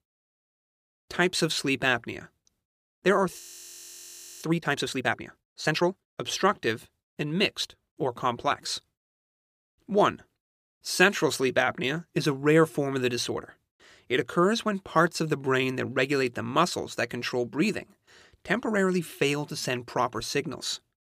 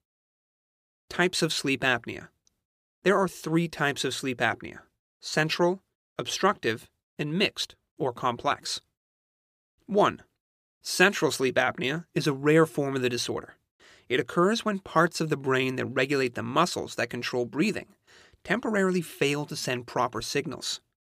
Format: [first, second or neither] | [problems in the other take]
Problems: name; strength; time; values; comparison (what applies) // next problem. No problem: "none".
second | audio freezing; at 3.5 s for 1 s